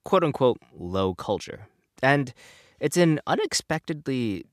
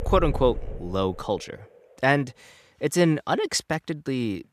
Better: first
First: none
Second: rain or running water; noticeable; throughout; 10 dB below the speech

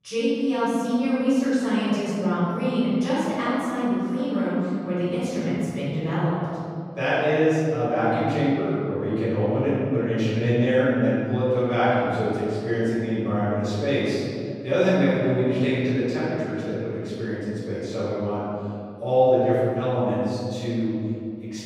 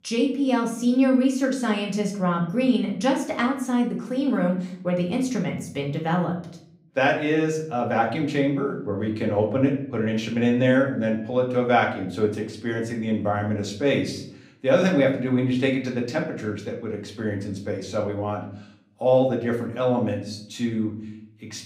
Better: second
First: room echo; strong; dies away in 2.5 s // off-mic speech; far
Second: room echo; slight; dies away in 0.5 s // off-mic speech; far

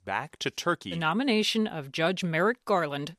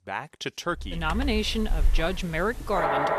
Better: first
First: none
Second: household noises; loud; from 1 s on; 2 dB below the speech

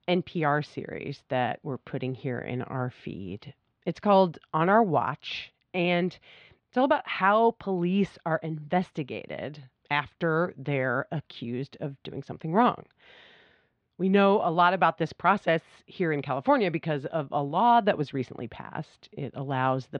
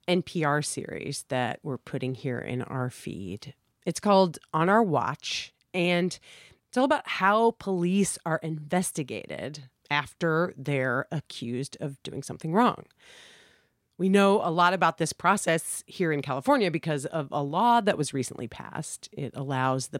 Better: second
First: muffled; slightly; fading above 3.5 kHz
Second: none

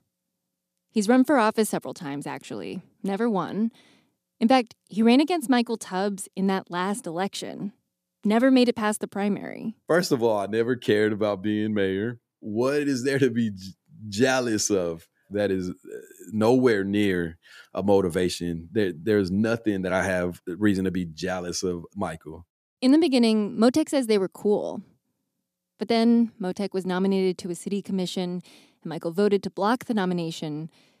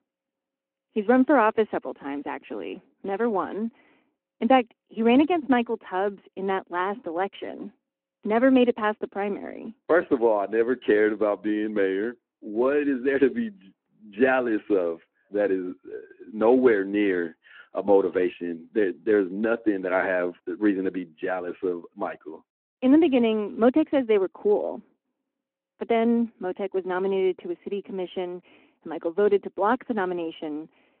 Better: first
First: none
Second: phone-call audio

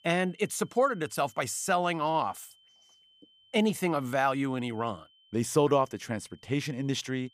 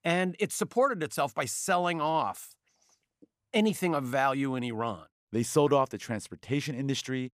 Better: second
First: high-pitched whine; faint; throughout; 3 kHz, 30 dB below the speech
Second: none

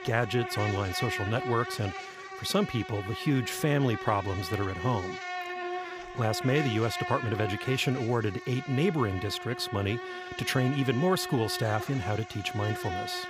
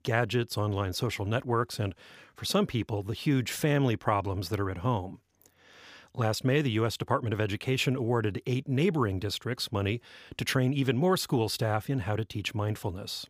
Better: second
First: animal sounds; loud; throughout; 8 dB below the speech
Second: none

